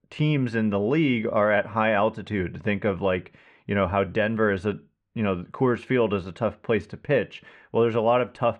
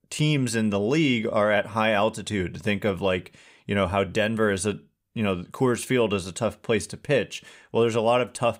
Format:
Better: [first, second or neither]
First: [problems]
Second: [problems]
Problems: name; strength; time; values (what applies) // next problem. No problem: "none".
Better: second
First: muffled; very; fading above 2 kHz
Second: none